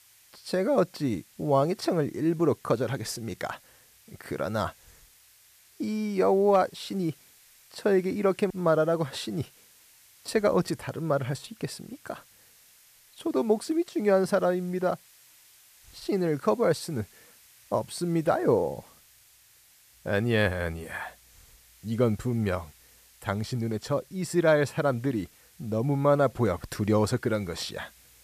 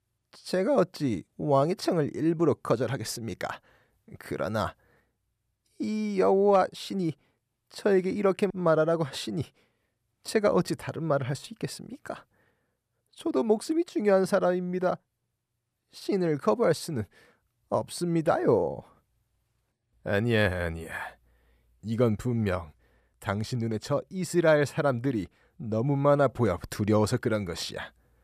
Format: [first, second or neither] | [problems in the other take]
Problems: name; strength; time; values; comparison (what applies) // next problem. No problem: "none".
second | hiss; faint; throughout; 25 dB below the speech